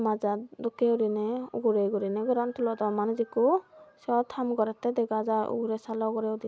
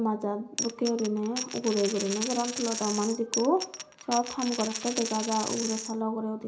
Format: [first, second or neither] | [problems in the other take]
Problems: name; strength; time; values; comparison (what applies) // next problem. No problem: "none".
first | background sound (Coin (dropping)); 7 dB below the speech // room echo; dies away in 0.4 s